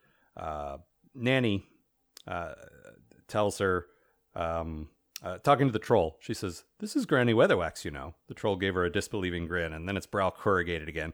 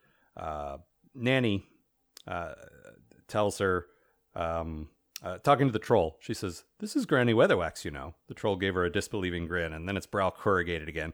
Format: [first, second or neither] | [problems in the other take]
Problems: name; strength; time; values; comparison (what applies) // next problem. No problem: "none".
neither | none